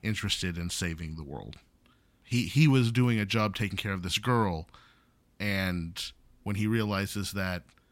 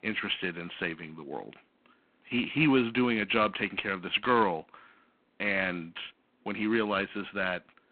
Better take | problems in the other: first | phone-call audio; poor line

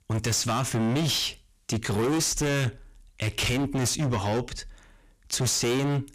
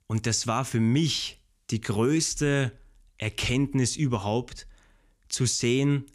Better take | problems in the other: second | distortion; heavy; 26% of the sound clipped

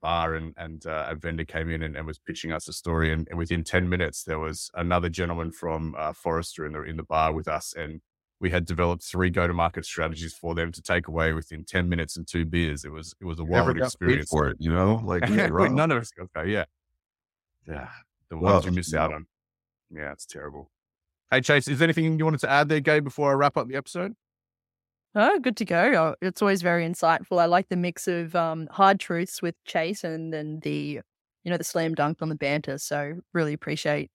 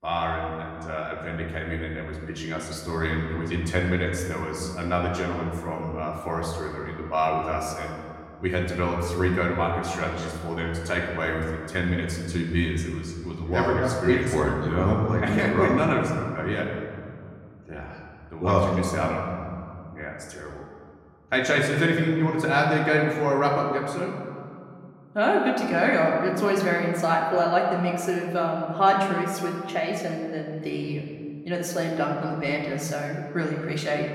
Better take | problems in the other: first | room echo; noticeable; dies away in 2 s // off-mic speech; somewhat distant

